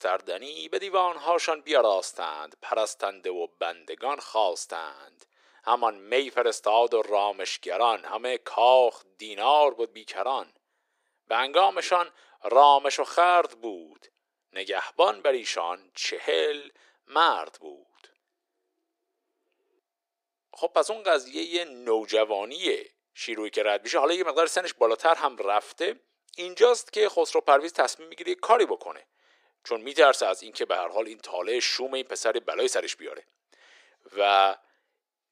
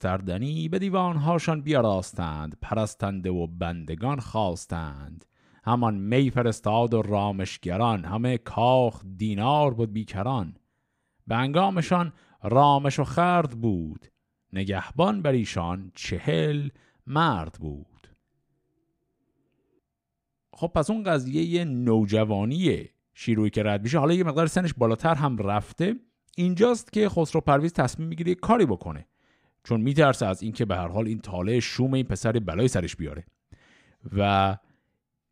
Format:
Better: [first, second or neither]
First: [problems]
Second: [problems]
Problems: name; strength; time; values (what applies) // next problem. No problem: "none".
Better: second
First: thin; very; fading below 400 Hz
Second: none